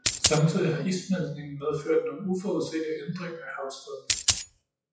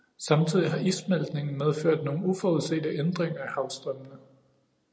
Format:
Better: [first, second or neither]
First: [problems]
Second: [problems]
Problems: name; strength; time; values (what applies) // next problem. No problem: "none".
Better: second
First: noise reduction (classical method WPE with log-MMSE)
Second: none